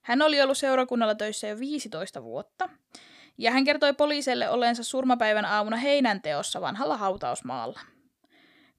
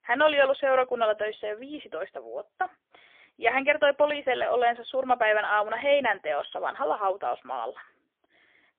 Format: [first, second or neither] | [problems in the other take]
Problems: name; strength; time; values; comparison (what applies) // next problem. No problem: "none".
first | phone-call audio; poor line; nothing above 3.5 kHz